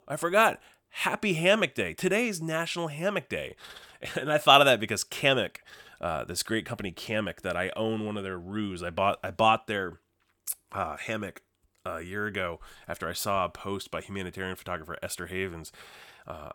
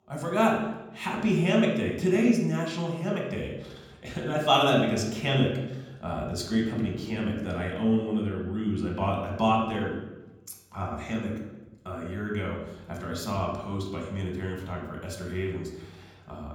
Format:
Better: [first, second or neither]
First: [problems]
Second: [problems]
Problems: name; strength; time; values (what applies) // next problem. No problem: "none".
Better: first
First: none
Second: room echo; noticeable; dies away in 1.4 s // off-mic speech; far